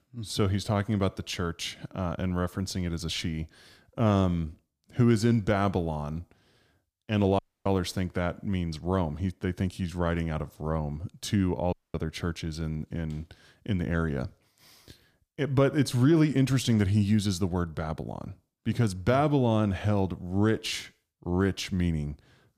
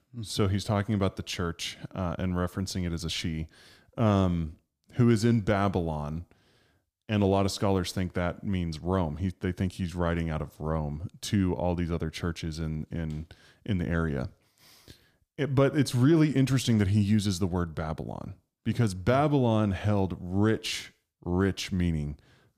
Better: second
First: audio cutting out; at 7.5 s and at 12 s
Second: none

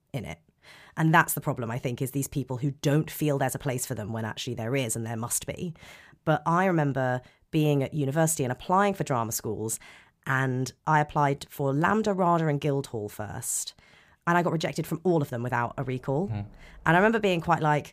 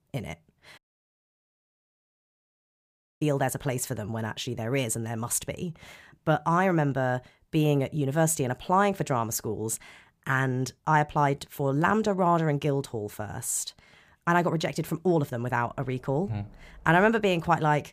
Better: first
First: none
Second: audio cutting out; at 1 s for 2.5 s

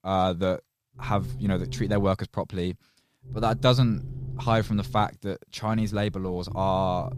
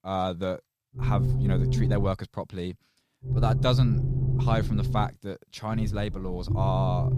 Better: first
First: low rumble; faint; from 1 to 2 s, from 3.5 to 5 s and from 6 s on; 20 dB below the speech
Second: low rumble; loud; from 1 to 2 s, from 3.5 to 5 s and from 6 s on; 6 dB below the speech

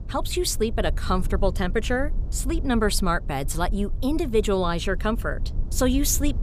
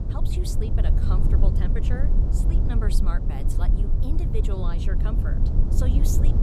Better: first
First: low rumble; faint; throughout; 20 dB below the speech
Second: low rumble; loud; throughout; as loud as the speech

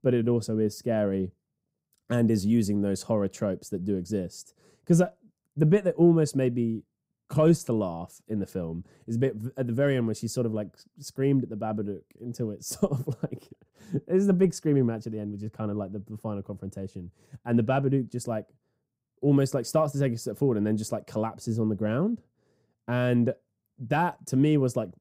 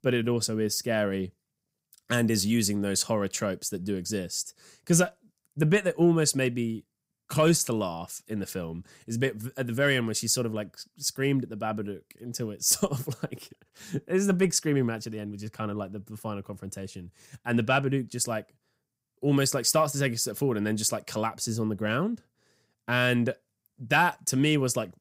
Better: second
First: muffled; slightly; fading above 1 kHz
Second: none

